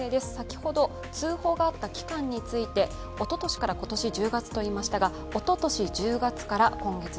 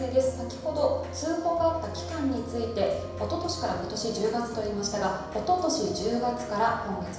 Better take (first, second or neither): first